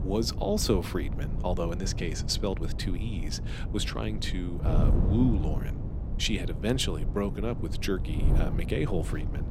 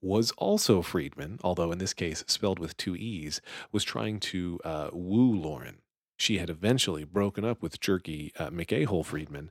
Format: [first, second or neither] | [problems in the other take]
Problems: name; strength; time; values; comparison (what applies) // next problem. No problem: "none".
second | wind noise on the microphone; heavy; 10 dB below the speech